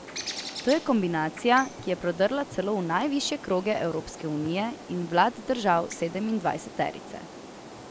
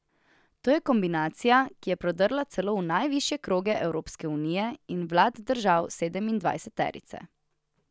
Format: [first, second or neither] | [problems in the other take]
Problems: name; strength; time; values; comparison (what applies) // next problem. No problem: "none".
second | background sound (Bird); 14 dB below the speech